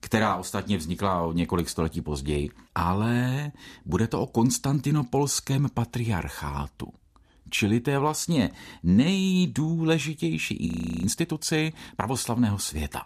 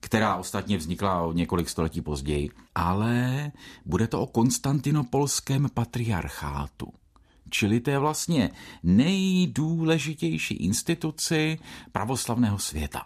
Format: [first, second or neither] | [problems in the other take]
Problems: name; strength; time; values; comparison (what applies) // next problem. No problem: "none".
second | audio freezing; at 11 s